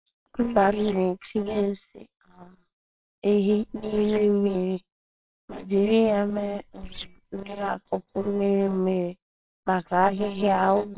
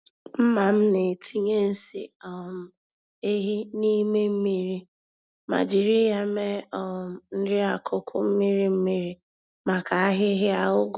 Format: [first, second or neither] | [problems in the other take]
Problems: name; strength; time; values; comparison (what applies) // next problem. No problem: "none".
second | noise reduction (neural separator model SepFormer WHAMR!)